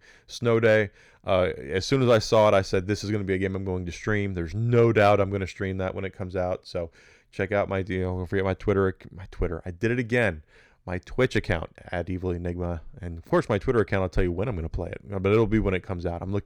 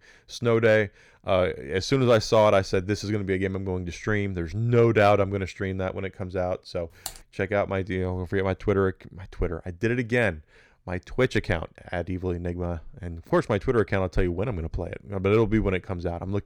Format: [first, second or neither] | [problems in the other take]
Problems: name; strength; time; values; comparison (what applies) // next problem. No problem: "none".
first | keyboard typing; faint; at 7 s; peak 15 dB below the speech